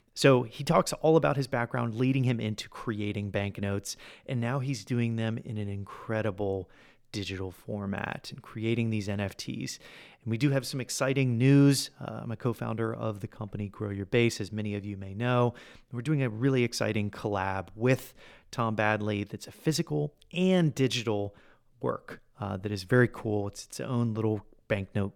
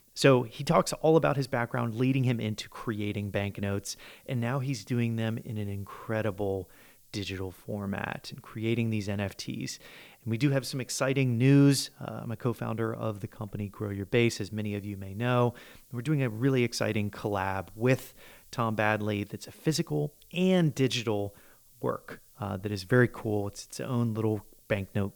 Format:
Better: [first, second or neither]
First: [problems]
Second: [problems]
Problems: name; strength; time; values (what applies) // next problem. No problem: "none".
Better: first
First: none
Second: hiss; faint; throughout; 30 dB below the speech